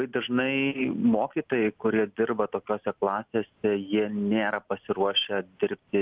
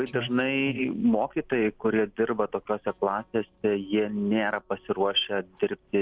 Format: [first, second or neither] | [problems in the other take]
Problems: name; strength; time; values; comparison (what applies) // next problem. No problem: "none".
first | noise reduction (neural separator model SepFormer DNS4)